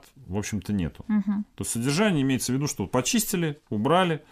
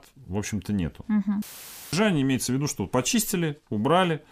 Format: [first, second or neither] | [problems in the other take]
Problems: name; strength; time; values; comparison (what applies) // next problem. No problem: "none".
first | audio cutting out; filled with static; at 1.5 s for 0.5 s